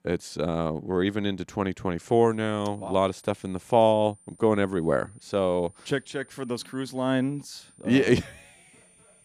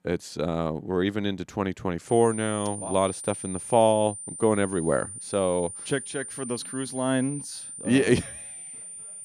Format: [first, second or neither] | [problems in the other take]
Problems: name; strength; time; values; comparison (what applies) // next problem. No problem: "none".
first | high-pitched whine; loud; from 2 s on; 9 kHz, 9 dB below the speech; faint in the first